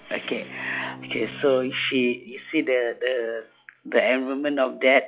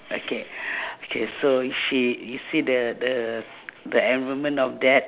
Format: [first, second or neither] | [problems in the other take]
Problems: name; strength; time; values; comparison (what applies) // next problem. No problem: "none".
second | noise reduction (classical method log-MMSE)